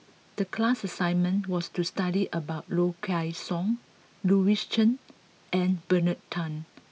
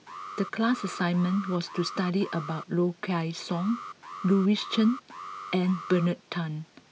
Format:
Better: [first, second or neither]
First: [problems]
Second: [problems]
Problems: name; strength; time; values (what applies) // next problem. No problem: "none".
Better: first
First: none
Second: background sound (Alarm); 14 dB below the speech